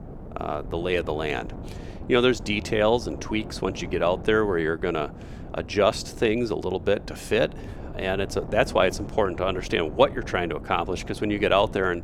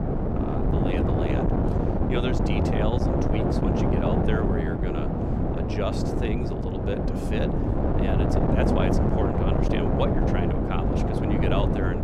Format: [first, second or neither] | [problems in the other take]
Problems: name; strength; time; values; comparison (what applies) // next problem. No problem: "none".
first | wind noise on the microphone; heavy; 4 dB above the speech; occasional gusts in the first